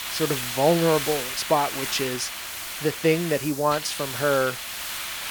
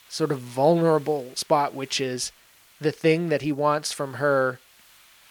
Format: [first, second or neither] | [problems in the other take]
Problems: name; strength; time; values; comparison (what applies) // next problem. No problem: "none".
second | hiss; loud; throughout; 5 dB below the speech; faint in the second